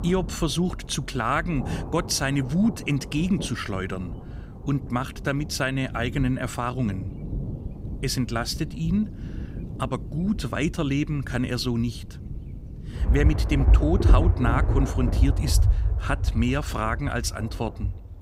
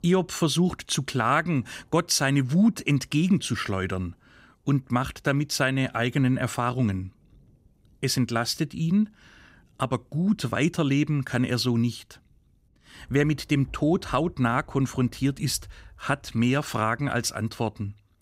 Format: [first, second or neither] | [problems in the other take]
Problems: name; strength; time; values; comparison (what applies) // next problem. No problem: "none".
second | rain or running water; loud; throughout; 2 dB below the speech; faint in the second